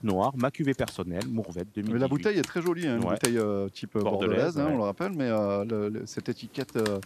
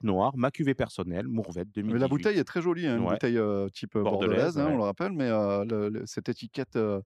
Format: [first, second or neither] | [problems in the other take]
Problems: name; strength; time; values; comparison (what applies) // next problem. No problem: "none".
second | household noises; noticeable; throughout; 10 dB below the speech